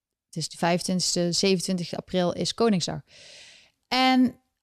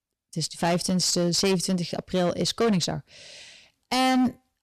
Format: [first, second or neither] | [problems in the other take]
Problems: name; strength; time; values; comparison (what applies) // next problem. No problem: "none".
first | distortion; slight; 10% of the sound clipped